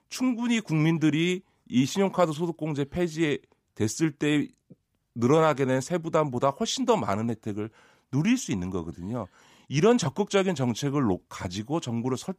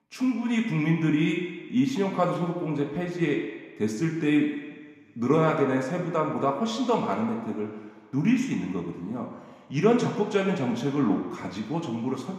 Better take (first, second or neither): first